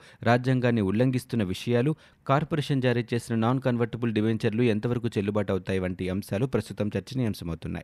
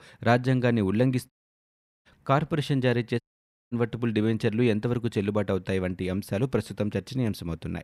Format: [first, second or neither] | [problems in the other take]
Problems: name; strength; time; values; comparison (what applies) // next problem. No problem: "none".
first | audio cutting out; at 1.5 s for 0.5 s and at 3 s for 0.5 s